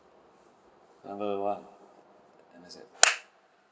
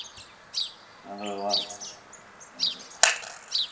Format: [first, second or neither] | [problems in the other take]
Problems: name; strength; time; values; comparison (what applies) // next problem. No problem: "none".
first | background sound (Chirp, tweet); 2 dB below the speech // room echo; dies away in 1.8 s